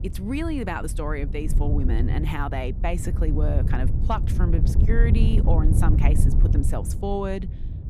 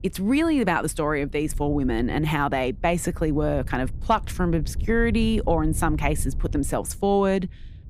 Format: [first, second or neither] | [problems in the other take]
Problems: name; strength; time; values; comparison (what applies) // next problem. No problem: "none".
second | wind noise on the microphone; heavy; 7 dB below the speech; occasional gusts in the second